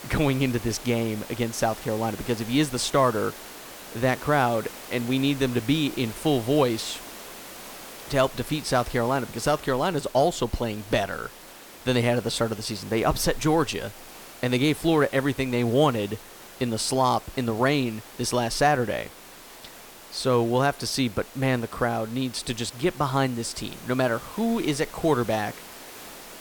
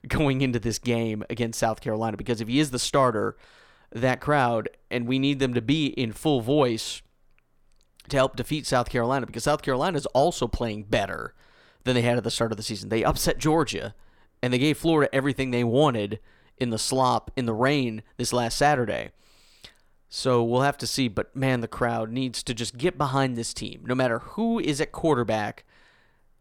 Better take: second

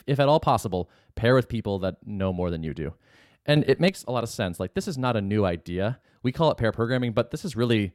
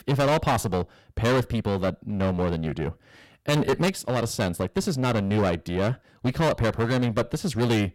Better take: first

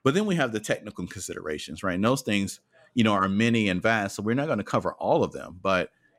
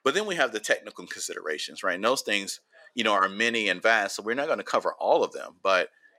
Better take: first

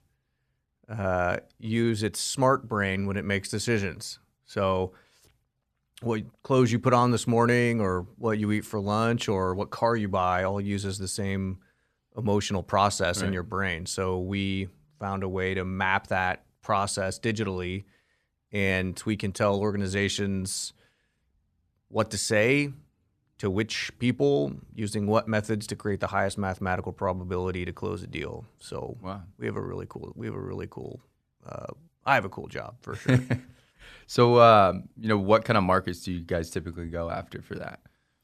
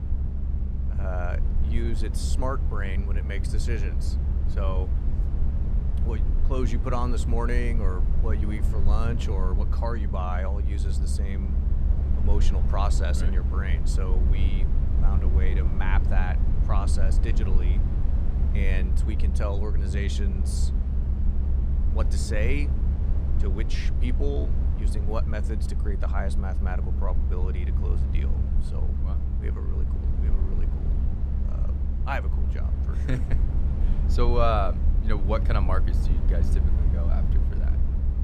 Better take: first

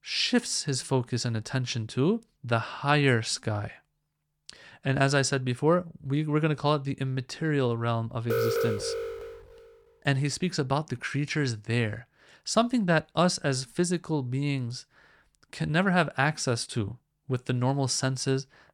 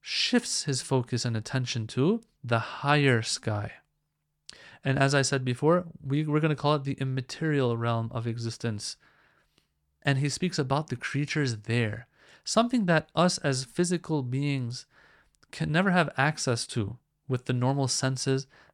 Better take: second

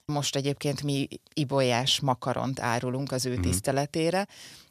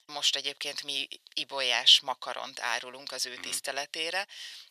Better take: first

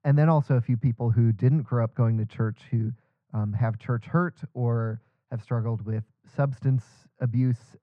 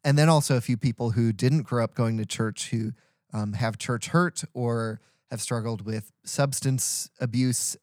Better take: second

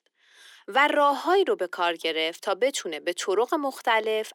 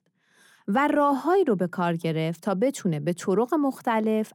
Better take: second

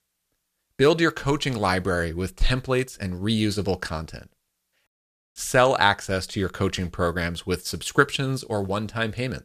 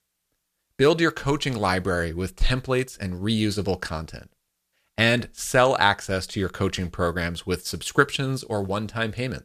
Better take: second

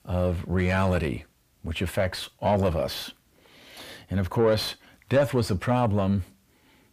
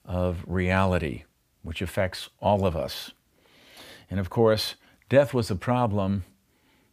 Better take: second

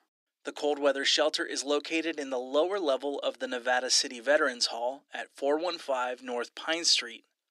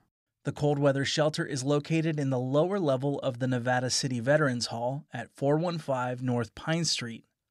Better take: second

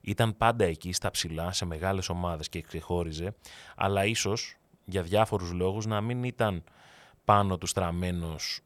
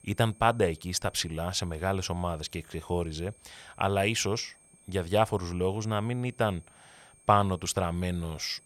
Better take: first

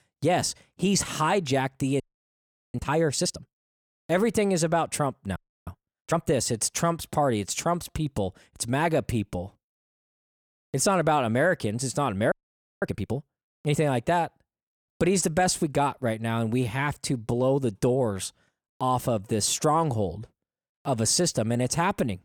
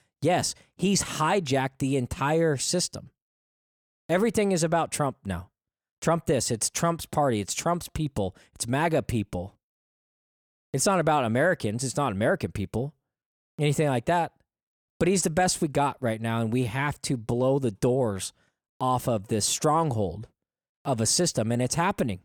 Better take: second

